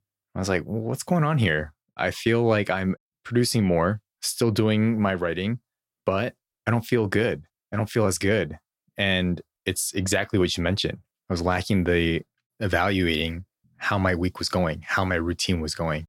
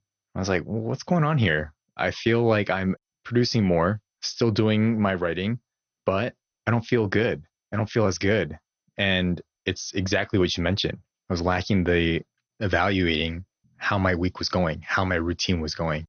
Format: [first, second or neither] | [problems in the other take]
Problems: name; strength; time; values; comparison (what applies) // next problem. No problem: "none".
first | garbled, watery; slightly; nothing above 6.5 kHz